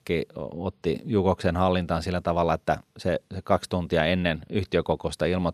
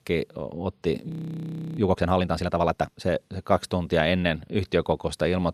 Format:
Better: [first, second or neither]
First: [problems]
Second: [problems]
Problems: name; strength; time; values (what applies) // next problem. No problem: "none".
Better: first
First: none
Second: audio freezing; at 1 s for 0.5 s